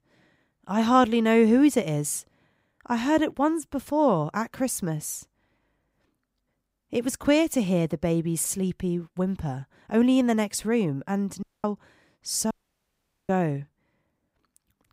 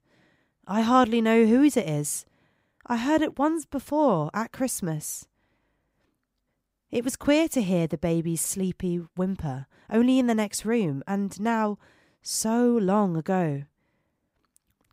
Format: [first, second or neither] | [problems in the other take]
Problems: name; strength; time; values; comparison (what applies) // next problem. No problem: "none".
second | audio cutting out; at 11 s and at 13 s for 1 s